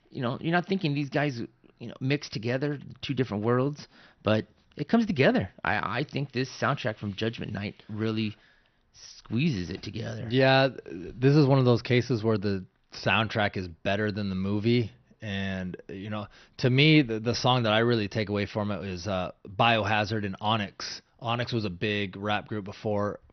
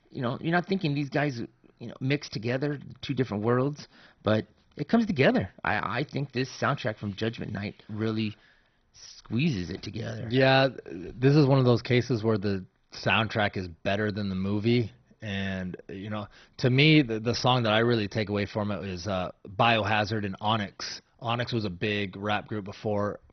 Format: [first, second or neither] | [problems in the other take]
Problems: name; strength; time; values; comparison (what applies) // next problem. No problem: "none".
first | garbled, watery; badly; nothing above 6 kHz; slightly in the first